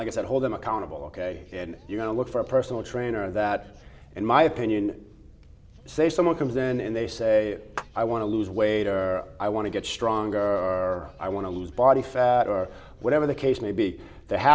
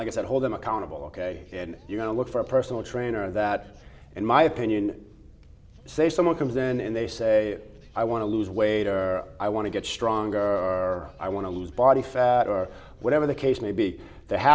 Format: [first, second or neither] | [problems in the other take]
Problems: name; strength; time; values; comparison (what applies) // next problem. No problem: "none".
second | background sound (Clapping); 12 dB below the speech